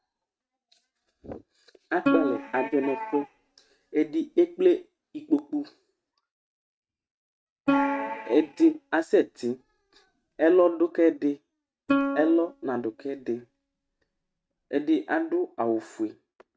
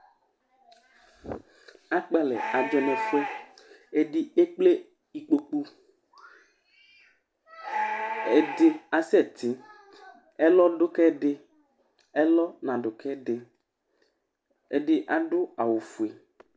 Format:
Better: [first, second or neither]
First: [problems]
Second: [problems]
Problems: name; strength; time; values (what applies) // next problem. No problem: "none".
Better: second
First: noise reduction (neural mask model RNNoise)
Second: none